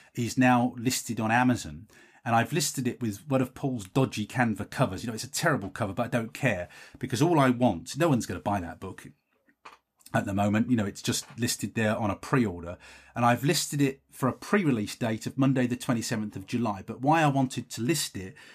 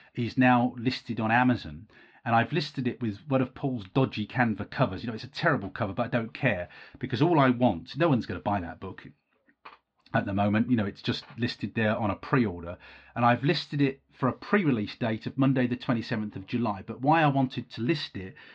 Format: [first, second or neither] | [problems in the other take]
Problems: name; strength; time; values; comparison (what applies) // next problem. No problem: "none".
first | muffled; slightly; fading above 4 kHz